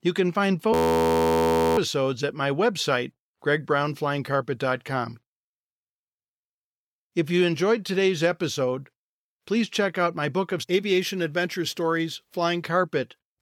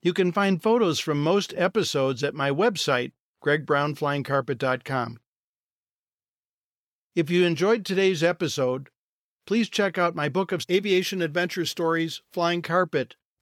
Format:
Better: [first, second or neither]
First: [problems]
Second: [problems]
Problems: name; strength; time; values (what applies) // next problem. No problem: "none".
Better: second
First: audio freezing; at 0.5 s for 1 s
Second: none